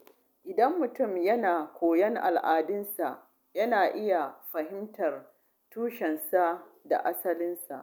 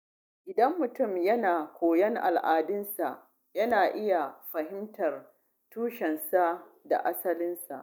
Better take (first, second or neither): first